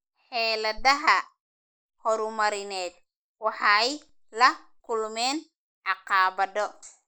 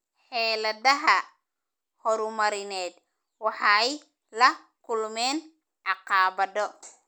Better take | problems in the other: second | noise reduction (neural mask model Resemble Enhance denoiser)

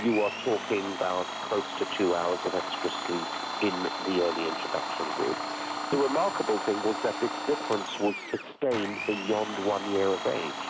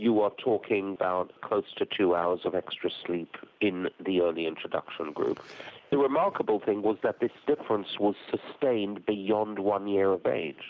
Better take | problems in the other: second | background sound (Domestic sounds, home sounds); 5 dB below the speech

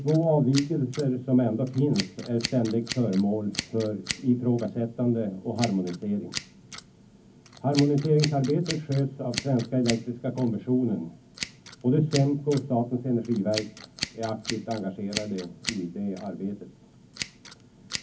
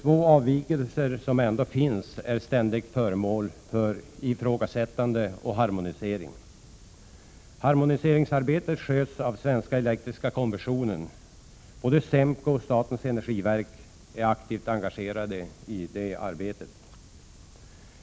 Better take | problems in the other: second | background sound (Scissors); 13 dB below the speech // room echo; dies away in 0.3 s

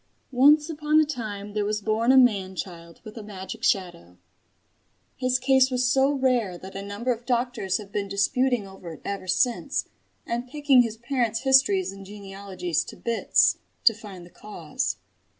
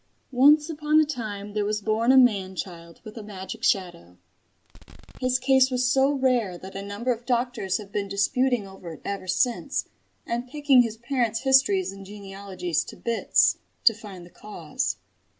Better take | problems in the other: first | background sound (Fireworks); 18 dB below the speech

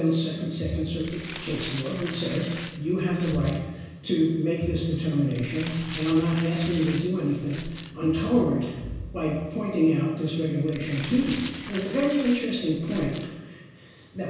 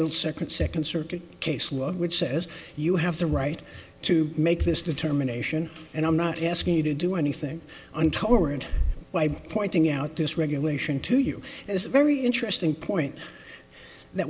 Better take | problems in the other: second | background sound (Glass); 14 dB below the speech // room echo; dies away in 1 s

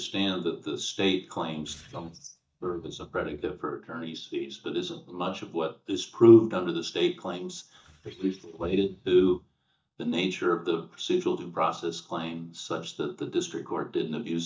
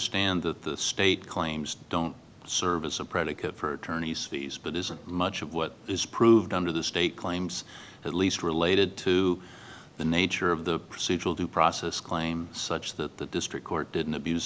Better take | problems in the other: second | noise reduction (neural mask model DeepFilterNet 3)

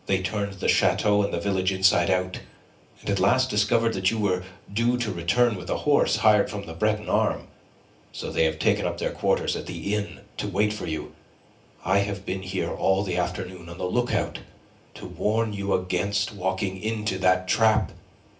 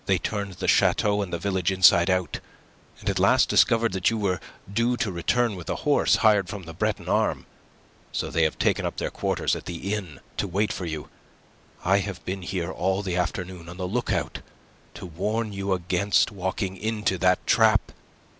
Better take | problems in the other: second | room echo; dies away in 0.3 s

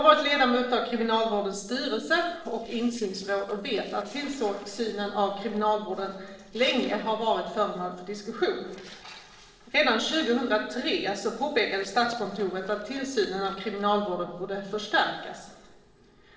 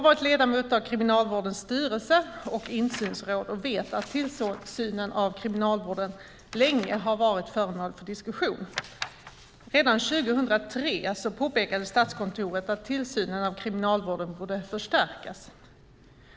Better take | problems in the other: second | noise reduction (neural separator model SepFormer DNS4)

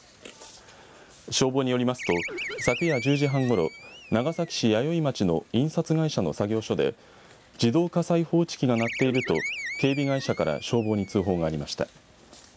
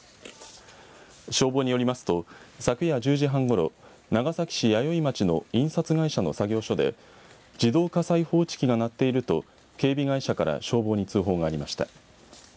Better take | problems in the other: second | background sound (Animal); 10 dB below the speech

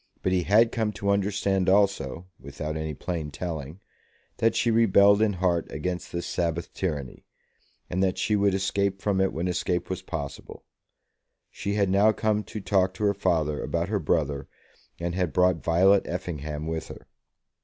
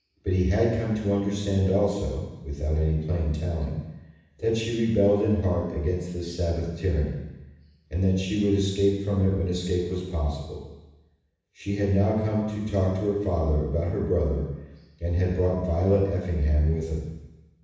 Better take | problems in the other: first | room echo; dies away in 1.1 s

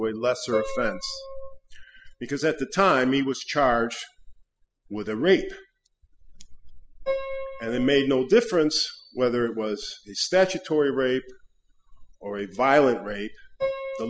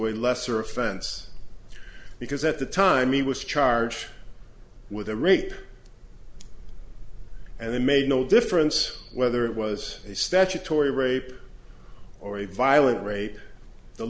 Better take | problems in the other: second | noise reduction (classical method spectral subtraction)

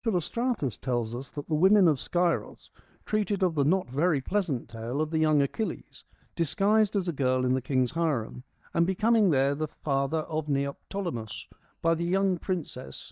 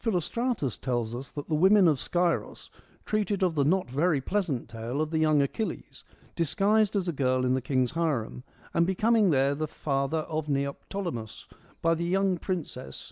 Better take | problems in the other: second | noise reduction (neural mask model DeepFilterNet 3)

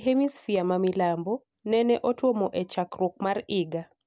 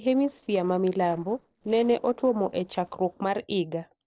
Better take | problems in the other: first | noise reduction (neural separator model SepFormer DNS4)

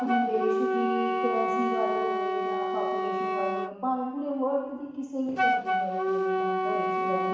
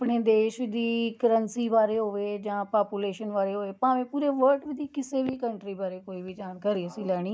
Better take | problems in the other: second | background sound (Wind instrument, woodwind instrument); 3 dB above the speech // room echo; dies away in 1.1 s

